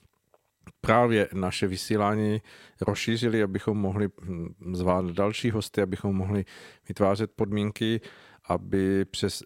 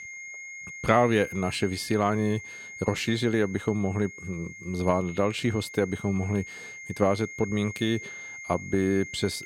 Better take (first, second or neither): first